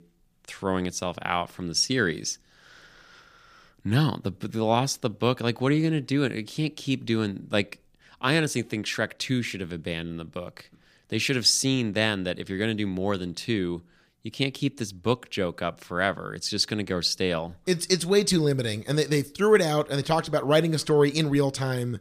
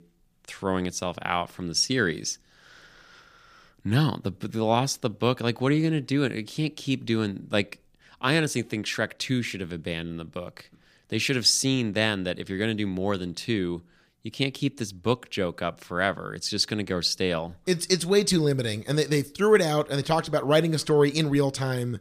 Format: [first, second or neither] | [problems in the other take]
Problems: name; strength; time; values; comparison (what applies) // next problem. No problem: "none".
neither | none